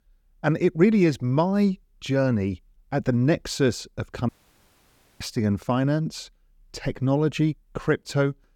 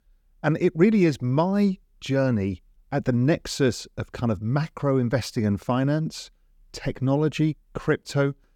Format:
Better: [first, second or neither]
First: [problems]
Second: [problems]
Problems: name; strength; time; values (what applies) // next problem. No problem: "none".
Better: second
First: audio cutting out; at 4.5 s for 1 s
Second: none